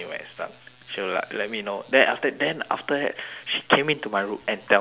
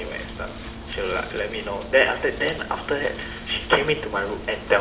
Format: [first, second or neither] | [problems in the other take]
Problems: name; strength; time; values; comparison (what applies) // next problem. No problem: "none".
first | background sound (Wind); 11 dB below the speech // room echo; dies away in 1.3 s